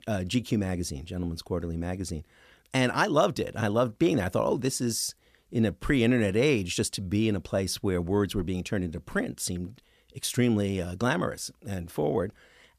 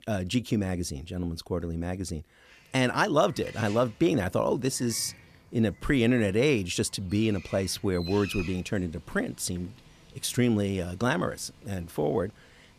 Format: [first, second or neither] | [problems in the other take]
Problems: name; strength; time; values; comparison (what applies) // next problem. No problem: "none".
first | animal sounds; noticeable; from 2.5 s on; 20 dB below the speech